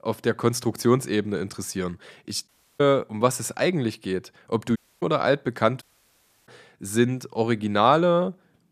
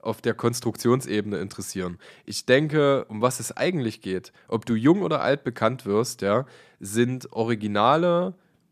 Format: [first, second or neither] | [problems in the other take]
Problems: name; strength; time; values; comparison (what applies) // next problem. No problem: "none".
second | audio cutting out; at 2.5 s, at 5 s and at 6 s for 0.5 s